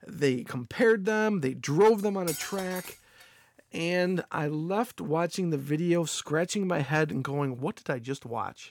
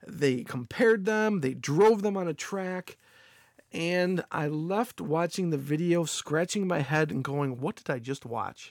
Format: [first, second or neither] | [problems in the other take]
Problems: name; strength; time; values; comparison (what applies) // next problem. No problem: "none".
second | clattering dishes; noticeable; from 2 to 3 s; peak 7 dB below the speech